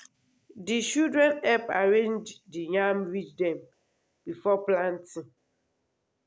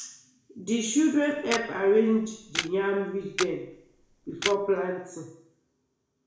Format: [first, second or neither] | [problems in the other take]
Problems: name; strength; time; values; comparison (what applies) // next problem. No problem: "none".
first | background sound (Camera); 9 dB below the speech // room echo; dies away in 0.6 s